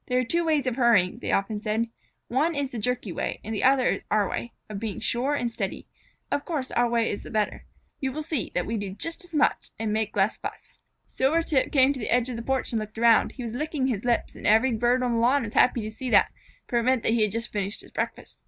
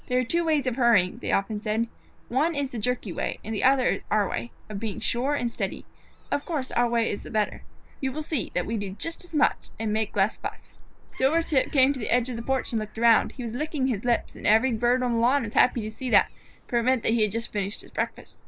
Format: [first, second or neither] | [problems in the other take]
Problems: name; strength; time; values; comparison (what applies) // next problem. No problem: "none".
first | background sound (Gull, seagull / Fowl); 10 dB below the speech